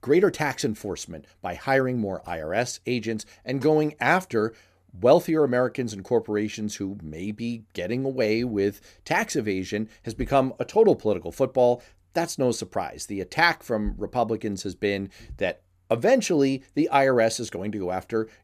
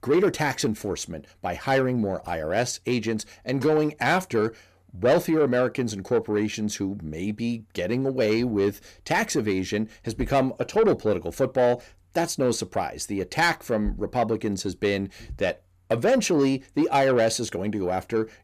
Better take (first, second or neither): first